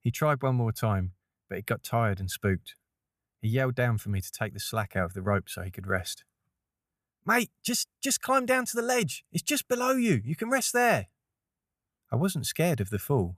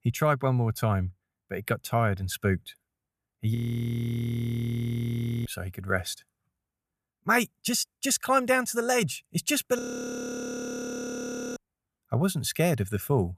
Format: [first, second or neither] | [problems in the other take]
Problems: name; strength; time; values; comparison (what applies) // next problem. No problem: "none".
first | audio freezing; at 3.5 s for 2 s and at 10 s for 2 s